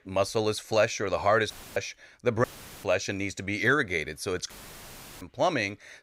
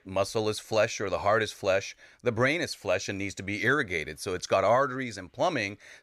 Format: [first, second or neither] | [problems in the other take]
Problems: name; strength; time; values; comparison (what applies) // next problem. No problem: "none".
second | audio cutting out; filled with static; at 1.5 s, at 2.5 s and at 4.5 s for 0.5 s